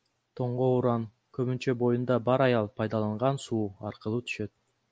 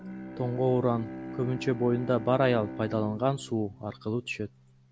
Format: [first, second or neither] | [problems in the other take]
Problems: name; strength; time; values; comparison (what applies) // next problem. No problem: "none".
first | background sound (Bowed string instrument); 12 dB below the speech